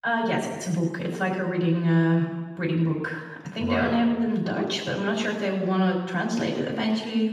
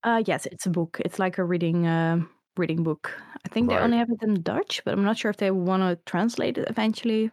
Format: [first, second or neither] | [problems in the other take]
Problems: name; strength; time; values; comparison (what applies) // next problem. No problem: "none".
second | room echo; noticeable; dies away in 1.1 s // off-mic speech; far